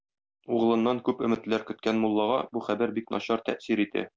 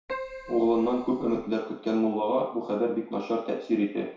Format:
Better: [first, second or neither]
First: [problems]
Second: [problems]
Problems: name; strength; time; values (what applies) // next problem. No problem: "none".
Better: first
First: none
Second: background sound (Keyboard (musical)); 13 dB below the speech // room echo; dies away in 0.6 s